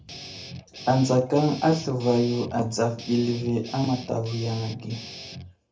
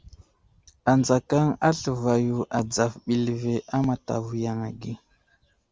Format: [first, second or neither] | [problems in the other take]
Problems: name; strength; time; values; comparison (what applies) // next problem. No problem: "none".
second | background sound (Guitar); 15 dB below the speech // room echo; dies away in 0.3 s